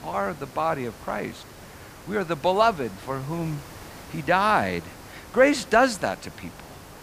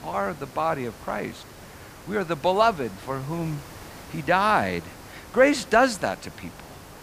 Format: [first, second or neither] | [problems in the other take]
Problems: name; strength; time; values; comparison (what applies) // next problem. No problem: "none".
neither | hiss; noticeable; throughout; 20 dB below the speech; the same in both